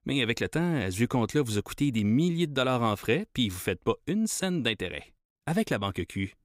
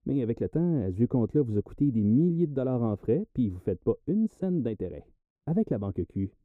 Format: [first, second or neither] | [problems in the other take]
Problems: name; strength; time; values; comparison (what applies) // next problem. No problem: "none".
first | muffled; very; fading above 1 kHz